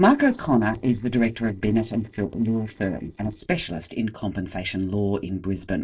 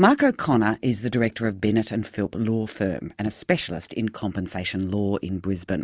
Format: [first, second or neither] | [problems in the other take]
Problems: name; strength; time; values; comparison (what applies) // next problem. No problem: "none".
second | noise reduction (neural separator model SepFormer DNS4)